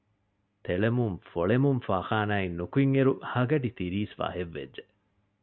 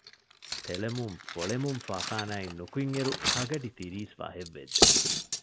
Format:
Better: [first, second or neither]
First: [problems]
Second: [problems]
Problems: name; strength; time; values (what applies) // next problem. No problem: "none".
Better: first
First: none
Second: background sound (Cutlery, silverware); 4 dB above the speech